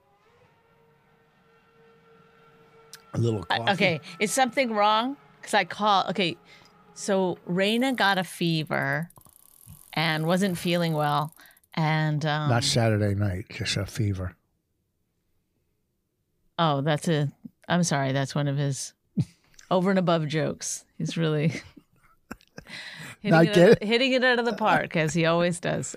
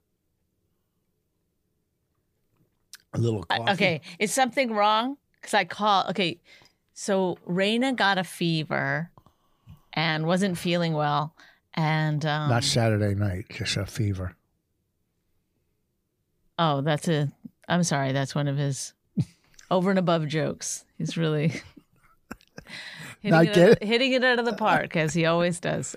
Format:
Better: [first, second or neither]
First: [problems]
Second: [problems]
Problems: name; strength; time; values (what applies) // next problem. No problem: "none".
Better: second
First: traffic noise; faint; until 12 s; 30 dB below the speech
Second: none